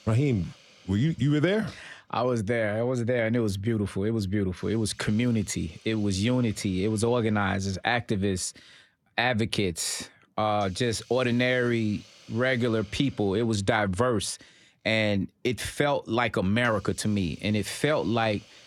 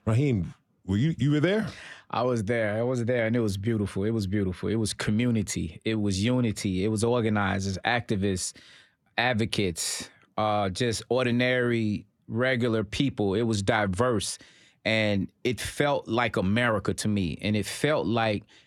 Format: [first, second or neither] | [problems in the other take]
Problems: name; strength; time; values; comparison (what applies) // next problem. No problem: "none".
second | hiss; faint; throughout; 25 dB below the speech